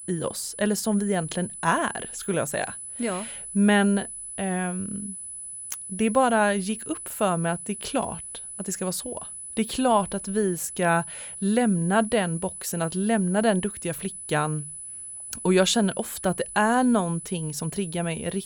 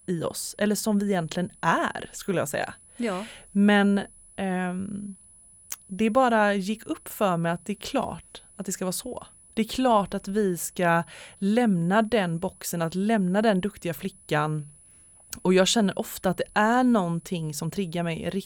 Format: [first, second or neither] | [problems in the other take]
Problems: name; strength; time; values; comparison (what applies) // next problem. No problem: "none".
second | high-pitched whine; loud; throughout; 10 kHz, 10 dB below the speech; faint in the second